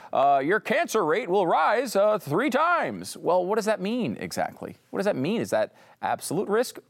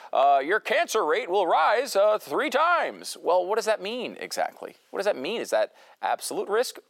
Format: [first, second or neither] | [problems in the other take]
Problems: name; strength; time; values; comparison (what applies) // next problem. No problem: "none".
first | thin; somewhat; fading below 450 Hz